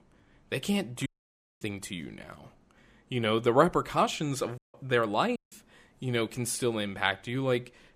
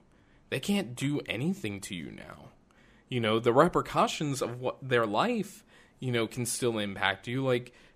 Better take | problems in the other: second | audio cutting out; at 1 s for 0.5 s, at 4.5 s and at 5.5 s

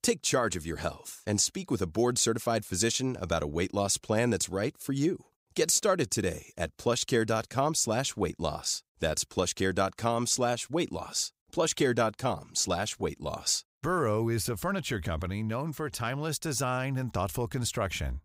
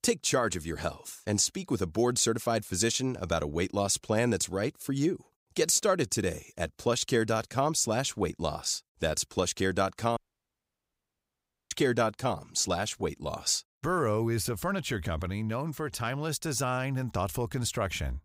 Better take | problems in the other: first | audio cutting out; at 10 s for 1.5 s

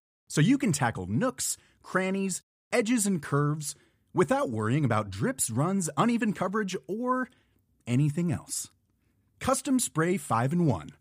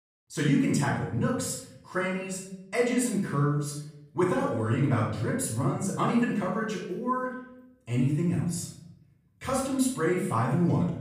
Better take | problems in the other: first | off-mic speech; far // room echo; noticeable; dies away in 0.7 s

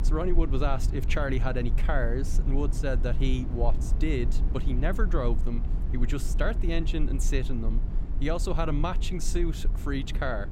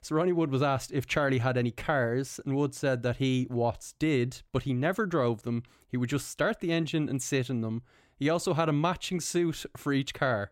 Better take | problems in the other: second | low rumble; noticeable; throughout; 15 dB below the speech

